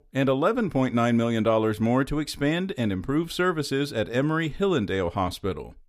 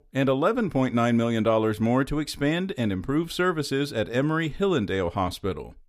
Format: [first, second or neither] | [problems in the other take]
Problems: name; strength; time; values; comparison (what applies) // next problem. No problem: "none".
neither | none